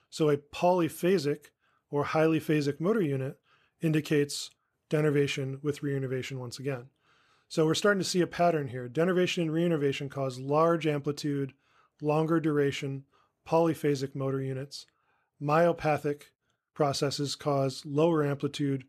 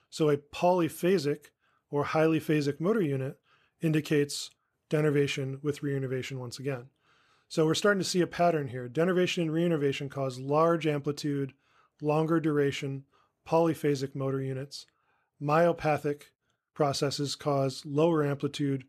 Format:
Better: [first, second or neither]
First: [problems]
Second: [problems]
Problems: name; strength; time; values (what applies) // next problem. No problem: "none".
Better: neither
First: none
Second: none